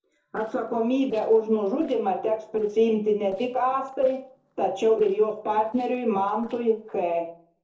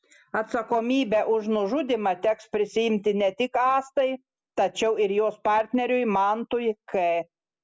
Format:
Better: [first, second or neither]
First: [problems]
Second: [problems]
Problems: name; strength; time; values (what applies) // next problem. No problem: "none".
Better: second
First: noise reduction (neural separator model SepFormer DNS4)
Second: none